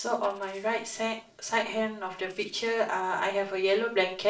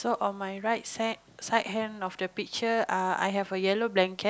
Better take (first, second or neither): second